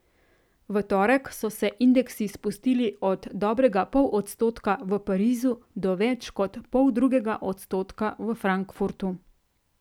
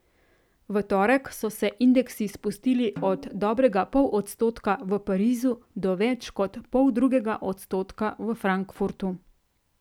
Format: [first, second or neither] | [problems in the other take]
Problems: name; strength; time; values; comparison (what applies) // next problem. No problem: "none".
first | background sound (Snare drum); 19 dB below the speech